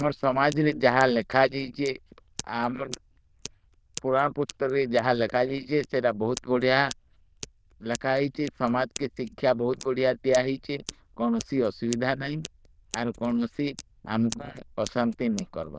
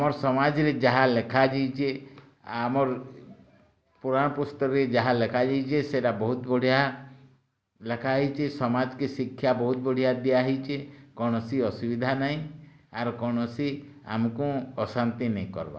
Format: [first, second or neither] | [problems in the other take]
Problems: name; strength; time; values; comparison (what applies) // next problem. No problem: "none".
second | noise reduction (neural diffusion model UNIVERSE++)